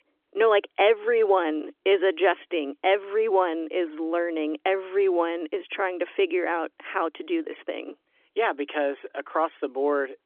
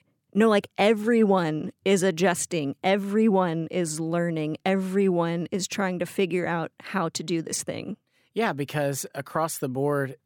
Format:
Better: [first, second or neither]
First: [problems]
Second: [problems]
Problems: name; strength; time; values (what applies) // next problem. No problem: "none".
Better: second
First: phone-call audio; nothing above 3.5 kHz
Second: none